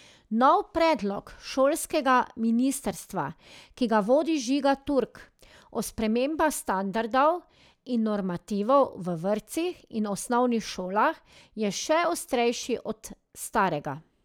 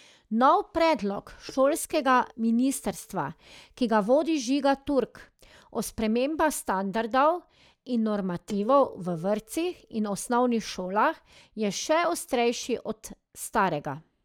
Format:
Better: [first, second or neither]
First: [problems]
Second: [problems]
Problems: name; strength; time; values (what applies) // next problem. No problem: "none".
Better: first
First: none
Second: noise reduction (neural mask model DeepFilterNet 3)